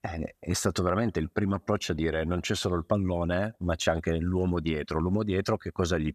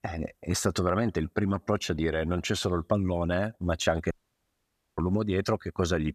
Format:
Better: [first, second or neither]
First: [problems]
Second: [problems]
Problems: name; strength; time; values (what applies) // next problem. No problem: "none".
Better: first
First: none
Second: audio cutting out; at 4 s for 1 s